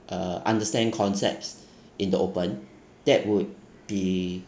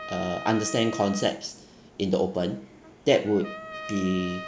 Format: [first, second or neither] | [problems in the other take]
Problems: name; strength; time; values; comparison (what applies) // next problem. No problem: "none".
first | background sound (Trumpet); 13 dB below the speech